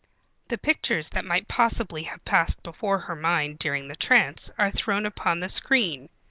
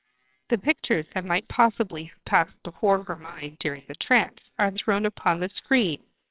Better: first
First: none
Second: noise reduction (neural separator model SepFormer WHAMR!)

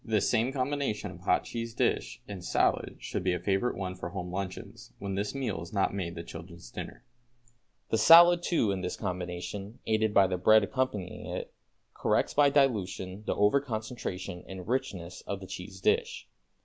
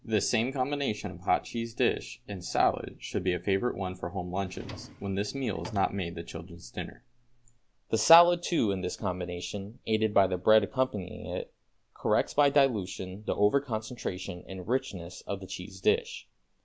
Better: first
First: none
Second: background sound (Drawer open or close); 16 dB below the speech

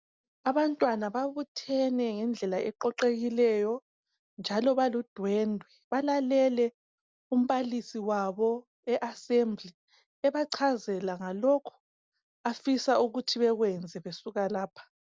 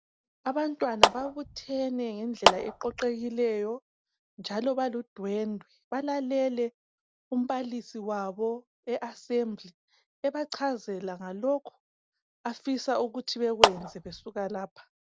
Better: first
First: none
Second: background sound (Clapping); 4 dB above the speech

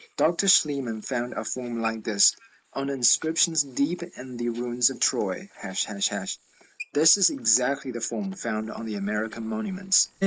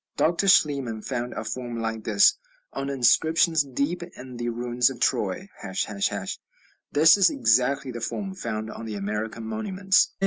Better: second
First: noise reduction (neural mask model Resemble Enhance denoiser)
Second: none

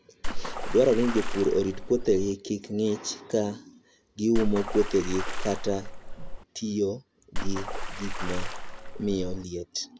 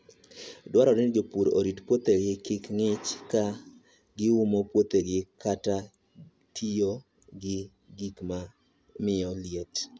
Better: second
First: background sound (Water / Splash, splatter); 1 dB below the speech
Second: none

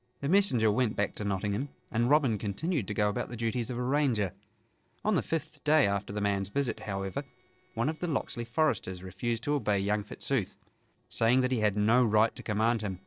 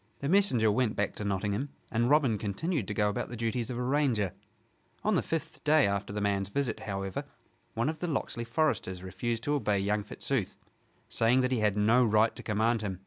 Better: second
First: noise reduction (neural separator model SepFormer DNS4)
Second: none

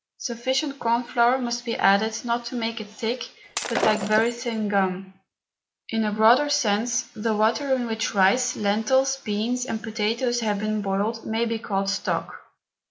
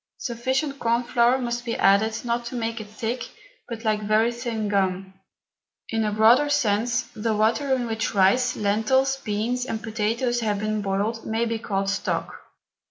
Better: second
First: background sound (Shatter); 5 dB below the speech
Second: none

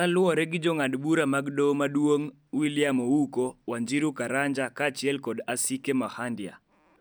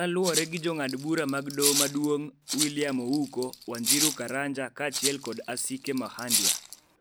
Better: first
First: none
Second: background sound (Rattle (instrument)); 1 dB below the speech

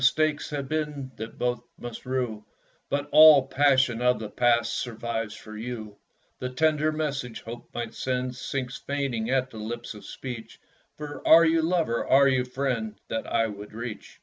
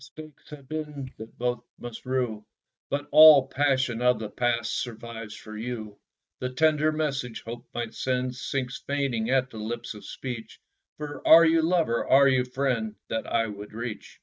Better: first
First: none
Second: noise reduction (neural mask model DeepFilterNet 3)

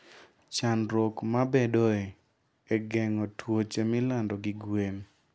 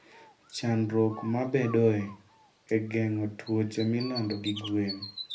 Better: first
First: none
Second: background sound (Bird); 16 dB below the speech // room echo; dies away in 0.3 s

